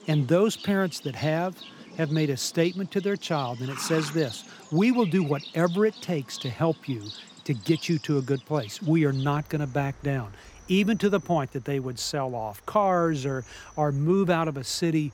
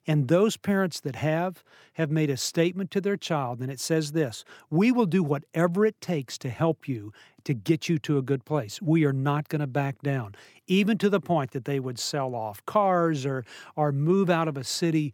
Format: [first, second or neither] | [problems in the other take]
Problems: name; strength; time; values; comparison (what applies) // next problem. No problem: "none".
second | animal sounds; noticeable; throughout; 15 dB below the speech